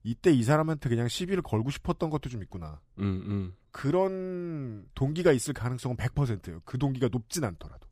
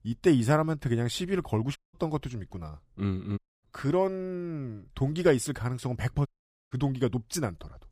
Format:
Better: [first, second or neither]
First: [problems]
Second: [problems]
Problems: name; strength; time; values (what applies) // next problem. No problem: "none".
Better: first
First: none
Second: audio cutting out; at 2 s, at 3.5 s and at 6.5 s